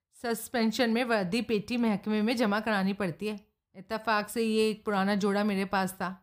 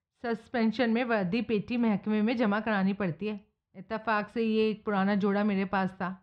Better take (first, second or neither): first